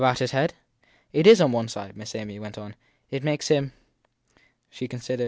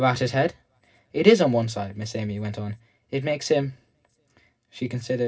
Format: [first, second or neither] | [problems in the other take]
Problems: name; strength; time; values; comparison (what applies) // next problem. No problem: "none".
first | room echo; dies away in 0.4 s